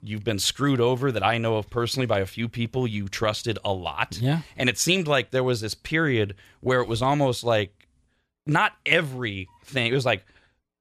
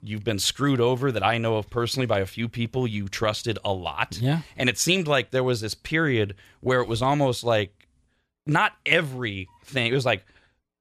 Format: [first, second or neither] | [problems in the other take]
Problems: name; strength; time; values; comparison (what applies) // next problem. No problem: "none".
neither | none